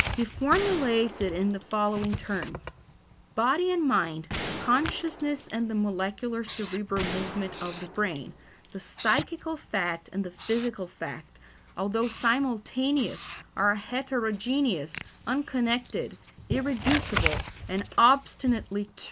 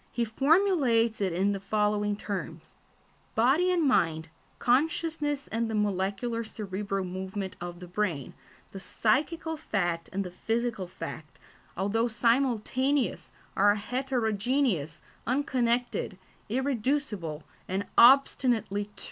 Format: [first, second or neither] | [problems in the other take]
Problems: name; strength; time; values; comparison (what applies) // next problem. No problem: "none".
second | background sound (Gunshot, gunfire + Writing); 9 dB below the speech